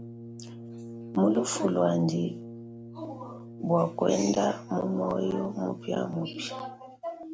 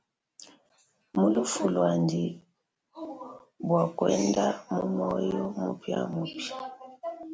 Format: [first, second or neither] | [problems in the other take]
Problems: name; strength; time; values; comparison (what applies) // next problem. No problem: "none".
second | background sound (Brass instrument); 14 dB below the speech